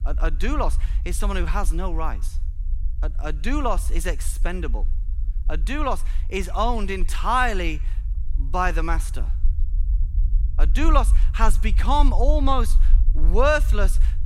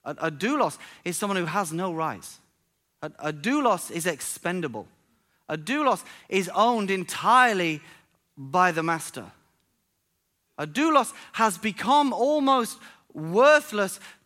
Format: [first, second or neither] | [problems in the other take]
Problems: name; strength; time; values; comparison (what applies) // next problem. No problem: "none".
second | low rumble; faint; throughout; 25 dB below the speech